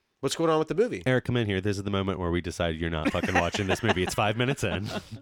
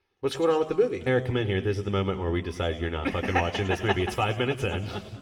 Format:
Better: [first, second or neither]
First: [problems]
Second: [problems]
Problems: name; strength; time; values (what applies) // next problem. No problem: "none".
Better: first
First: none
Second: room echo; slight; dies away in 1.7 s